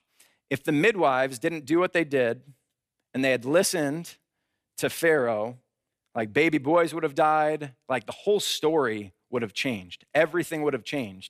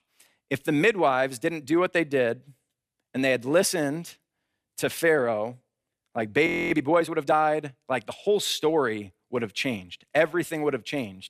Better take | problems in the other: first | audio freezing; at 6.5 s

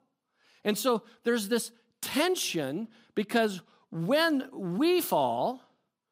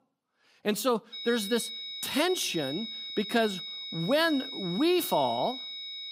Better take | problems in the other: first | high-pitched whine; loud; from 1 s on; 4 kHz, 7 dB below the speech

